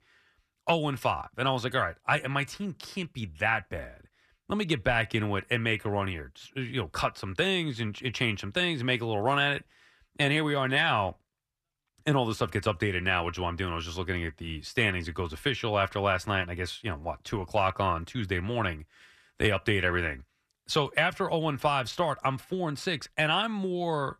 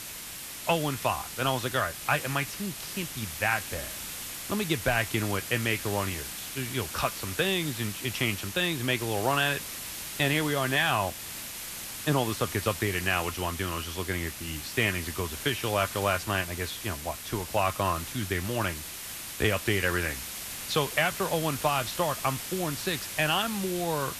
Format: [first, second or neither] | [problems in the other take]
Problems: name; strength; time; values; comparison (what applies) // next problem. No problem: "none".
first | hiss; loud; throughout; 7 dB below the speech